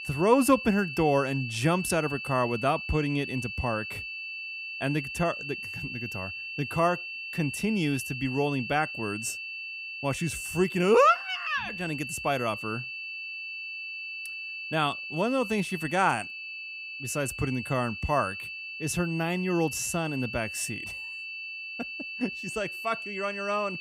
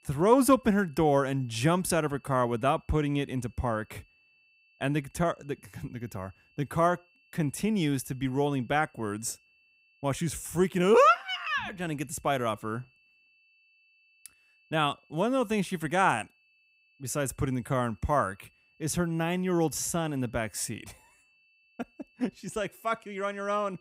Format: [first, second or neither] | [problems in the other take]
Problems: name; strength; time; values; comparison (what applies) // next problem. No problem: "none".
second | high-pitched whine; loud; throughout; 2.5 kHz, 7 dB below the speech; faint in the second